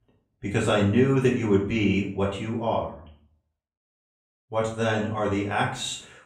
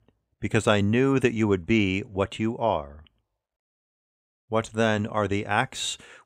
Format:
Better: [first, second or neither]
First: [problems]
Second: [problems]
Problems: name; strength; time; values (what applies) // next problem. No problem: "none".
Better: second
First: room echo; slight; dies away in 0.4 s // off-mic speech; far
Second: none